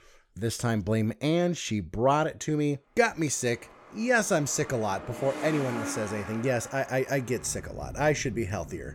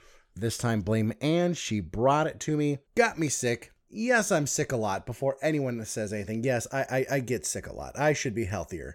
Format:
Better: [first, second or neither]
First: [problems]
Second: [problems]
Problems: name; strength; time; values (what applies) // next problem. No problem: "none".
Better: second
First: traffic noise; noticeable; from 3 s on; 15 dB below the speech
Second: none